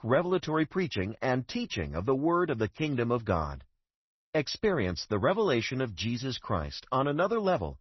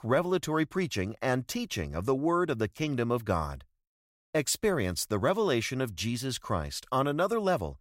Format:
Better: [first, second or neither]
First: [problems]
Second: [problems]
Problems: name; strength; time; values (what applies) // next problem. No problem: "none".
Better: second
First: garbled, watery; slightly; nothing above 6 kHz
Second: none